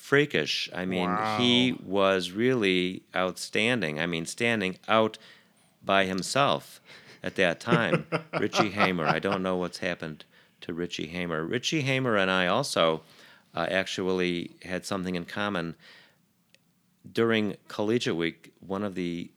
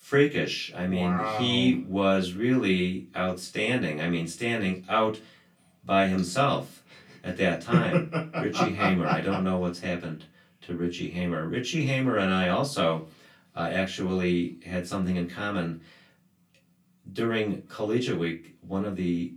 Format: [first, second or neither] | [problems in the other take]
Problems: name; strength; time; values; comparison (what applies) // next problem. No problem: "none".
first | off-mic speech; far // room echo; very slight; dies away in 0.2 s